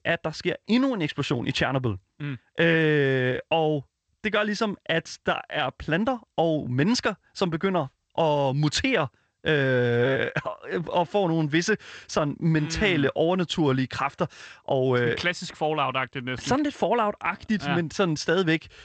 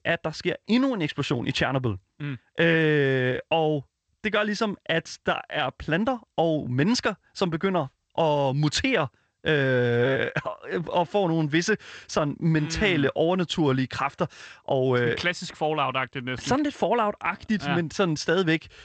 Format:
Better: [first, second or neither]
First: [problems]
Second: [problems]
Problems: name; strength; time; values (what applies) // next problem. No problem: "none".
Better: neither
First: garbled, watery; slightly; nothing above 7.5 kHz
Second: garbled, watery; slightly; nothing above 7.5 kHz